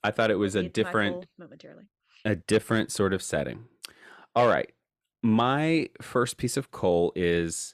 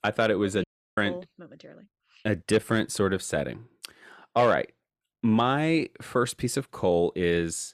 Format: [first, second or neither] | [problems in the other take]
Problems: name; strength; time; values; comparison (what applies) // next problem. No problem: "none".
first | audio cutting out; at 0.5 s